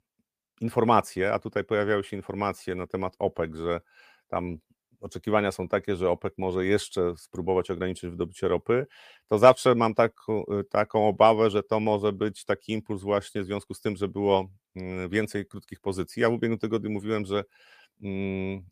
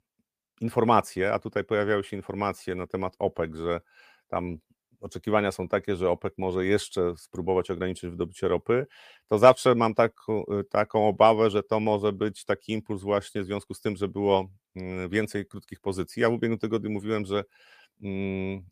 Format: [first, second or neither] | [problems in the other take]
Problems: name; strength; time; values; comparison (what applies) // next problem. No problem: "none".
neither | none